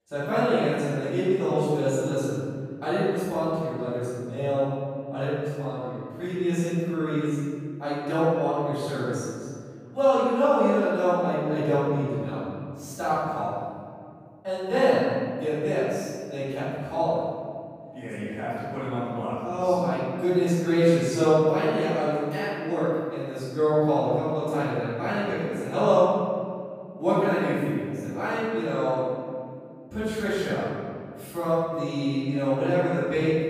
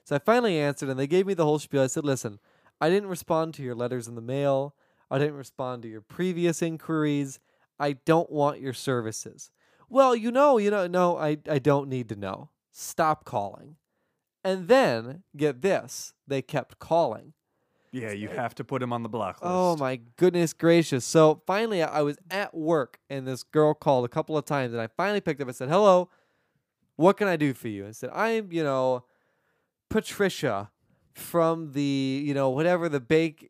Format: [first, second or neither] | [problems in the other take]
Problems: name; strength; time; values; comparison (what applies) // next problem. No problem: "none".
second | off-mic speech; far // room echo; strong; dies away in 2.1 s